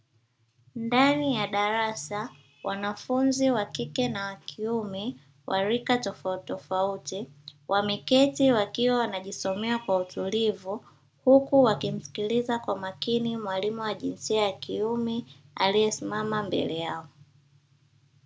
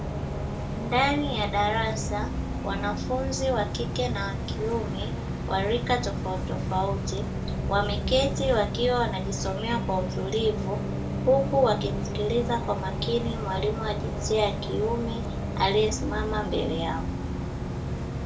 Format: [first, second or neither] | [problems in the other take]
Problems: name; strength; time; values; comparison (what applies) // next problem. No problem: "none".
first | background sound (Bus); 2 dB below the speech // room echo; dies away in 0.2 s